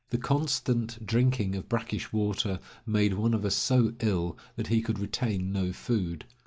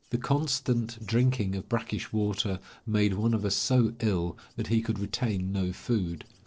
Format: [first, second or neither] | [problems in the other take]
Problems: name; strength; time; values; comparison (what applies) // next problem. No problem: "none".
first | noise reduction (neural separator model SepFormer DNS4)